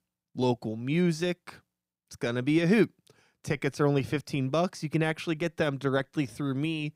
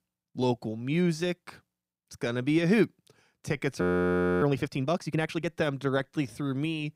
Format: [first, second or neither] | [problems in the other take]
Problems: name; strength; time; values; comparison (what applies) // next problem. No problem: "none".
first | audio freezing; at 4 s for 0.5 s